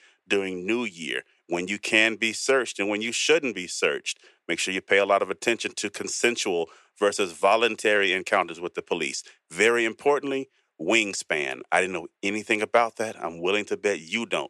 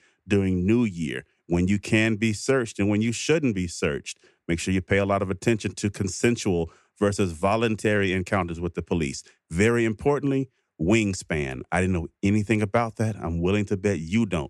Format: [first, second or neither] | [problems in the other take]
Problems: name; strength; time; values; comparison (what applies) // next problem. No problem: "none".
second | thin; very; fading below 500 Hz